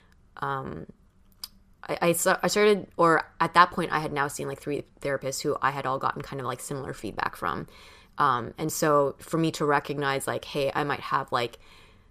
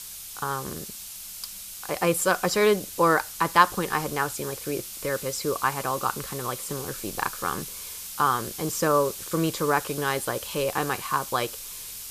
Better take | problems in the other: first | hiss; loud; throughout; 9 dB below the speech

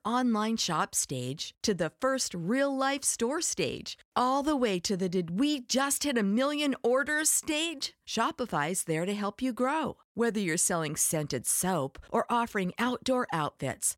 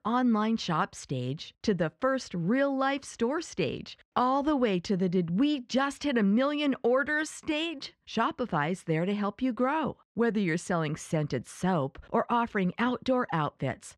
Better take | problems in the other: first | muffled; slightly; fading above 3 kHz

